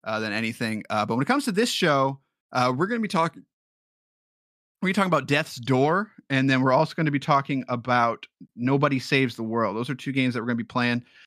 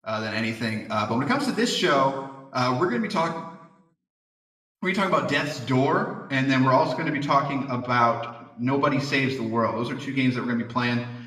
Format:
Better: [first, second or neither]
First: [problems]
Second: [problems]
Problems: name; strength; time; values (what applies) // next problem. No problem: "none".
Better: first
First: none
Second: room echo; slight; dies away in 0.8 s // off-mic speech; somewhat distant